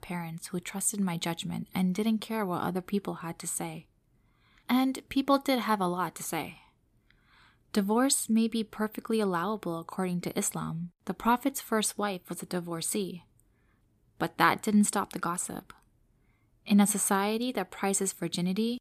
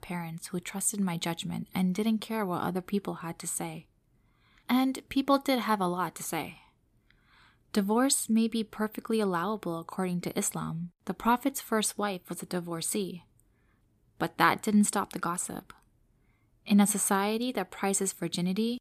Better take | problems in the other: neither | none

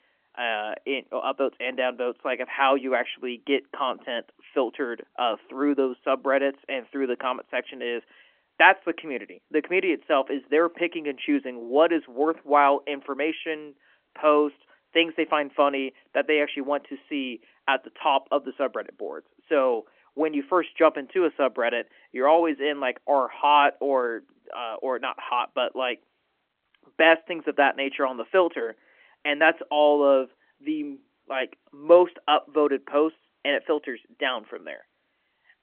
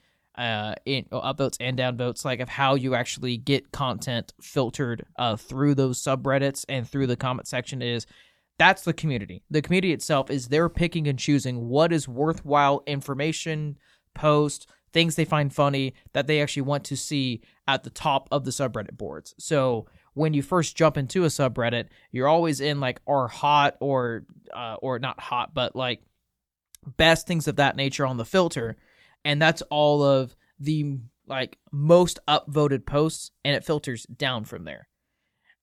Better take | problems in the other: second | phone-call audio; nothing above 3.5 kHz

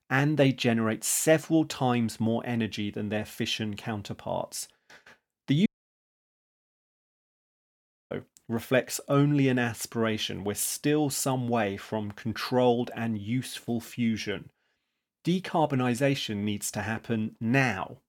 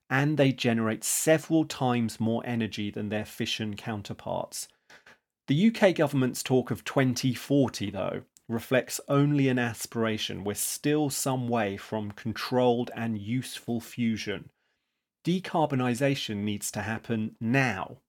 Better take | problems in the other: second | audio cutting out; at 5.5 s for 2.5 s

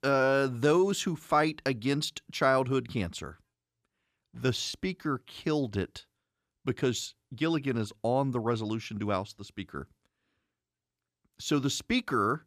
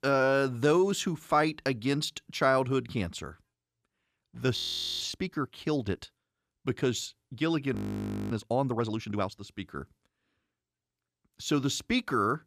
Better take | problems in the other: first | audio freezing; at 4.5 s and at 8 s for 0.5 s

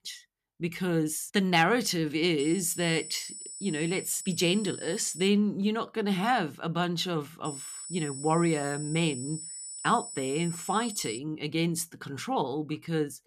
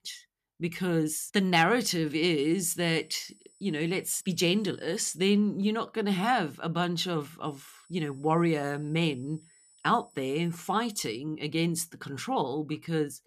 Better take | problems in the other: second | high-pitched whine; loud; from 2.5 to 5.5 s and from 7.5 to 11 s; 8 kHz, 10 dB below the speech; faint in the second

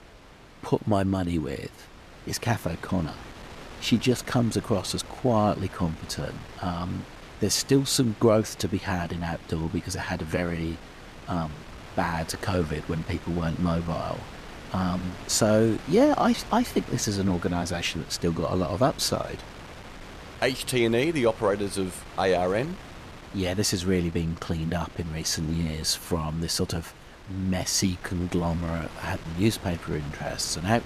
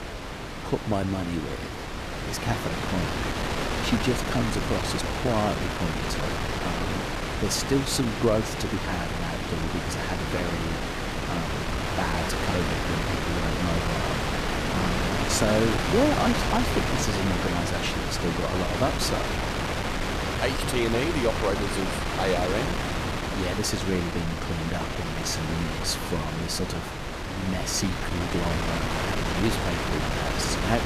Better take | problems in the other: first | wind noise on the microphone; heavy; 2 dB above the speech; occasional gusts in the first

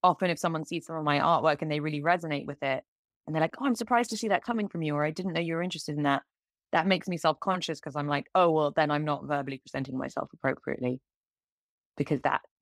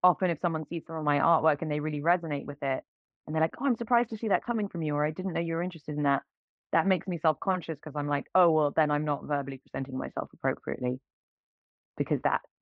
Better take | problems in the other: first | muffled; very; fading above 2 kHz

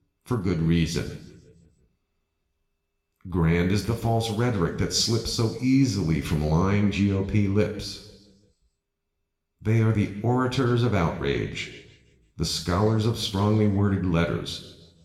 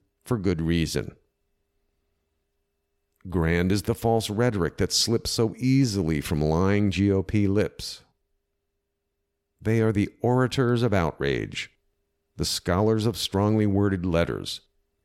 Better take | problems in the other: second | room echo; slight; dies away in 0.9 s // off-mic speech; somewhat distant

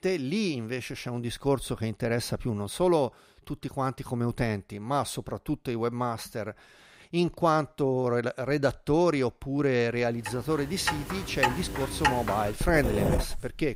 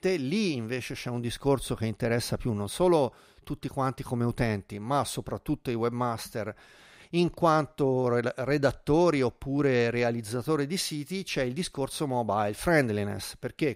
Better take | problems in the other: second | household noises; loud; from 11 s on; 2 dB below the speech

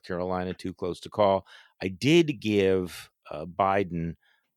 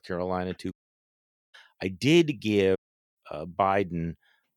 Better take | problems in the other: first | audio cutting out; at 0.5 s for 1 s and at 3 s

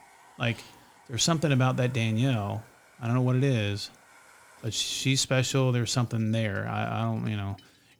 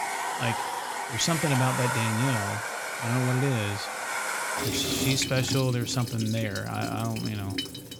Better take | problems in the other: first | household noises; loud; throughout; 2 dB below the speech; faint in the first

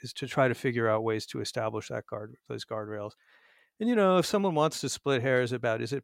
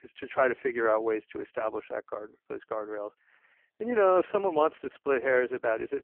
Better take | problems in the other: first | phone-call audio; poor line

